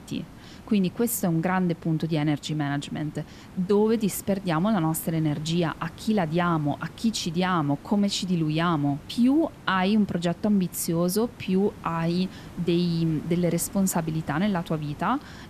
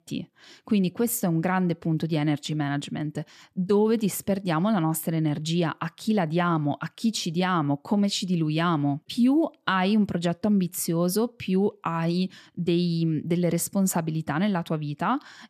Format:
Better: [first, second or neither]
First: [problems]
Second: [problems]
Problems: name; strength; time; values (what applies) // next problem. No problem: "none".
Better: second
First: hiss; noticeable; throughout; 20 dB below the speech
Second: none